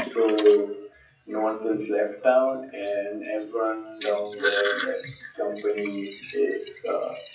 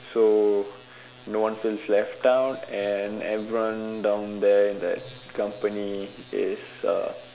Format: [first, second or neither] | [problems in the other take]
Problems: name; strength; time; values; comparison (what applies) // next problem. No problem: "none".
second | noise reduction (classical method WPE with log-MMSE)